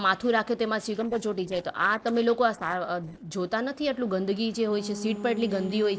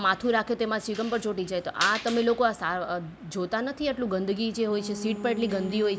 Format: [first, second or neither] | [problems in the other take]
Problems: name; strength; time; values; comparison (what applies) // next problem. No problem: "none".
second | noise reduction (neural separator model SepFormer DNS4)